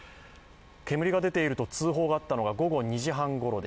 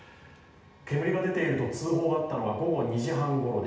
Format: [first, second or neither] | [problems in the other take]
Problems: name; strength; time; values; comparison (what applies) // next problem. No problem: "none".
first | room echo; dies away in 0.8 s